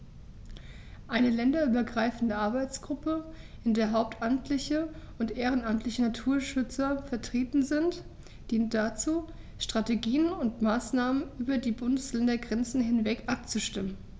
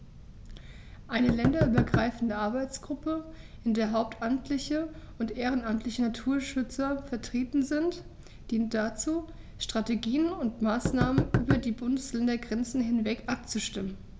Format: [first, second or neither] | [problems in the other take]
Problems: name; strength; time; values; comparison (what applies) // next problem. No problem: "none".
first | background sound (Knock); 1 dB below the speech